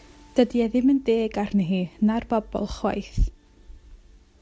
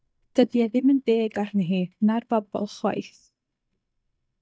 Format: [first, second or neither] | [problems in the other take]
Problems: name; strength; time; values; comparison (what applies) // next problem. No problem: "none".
first | noise reduction (neural mask model DeepFilterNet 3)